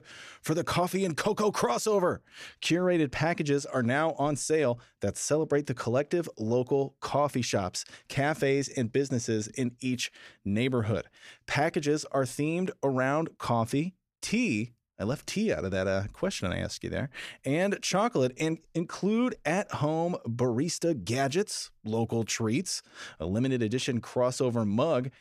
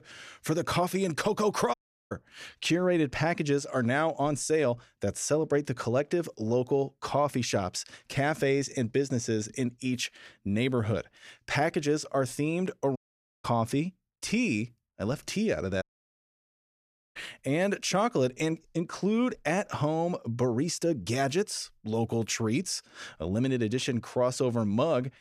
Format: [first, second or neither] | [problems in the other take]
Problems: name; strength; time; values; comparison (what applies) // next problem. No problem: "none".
first | audio cutting out; at 1.5 s, at 13 s and at 16 s for 1.5 s